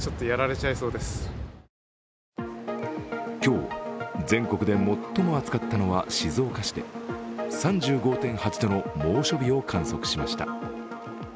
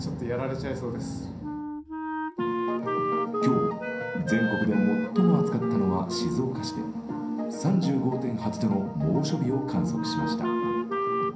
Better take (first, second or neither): first